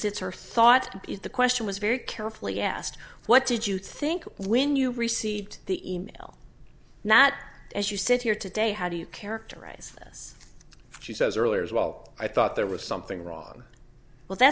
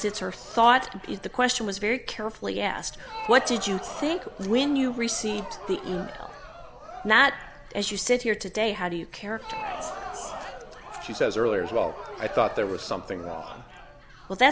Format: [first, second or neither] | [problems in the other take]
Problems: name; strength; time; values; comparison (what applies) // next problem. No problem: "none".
first | background sound (Crowd); 13 dB below the speech